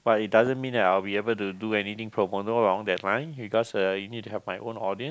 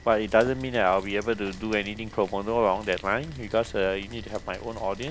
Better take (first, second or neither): first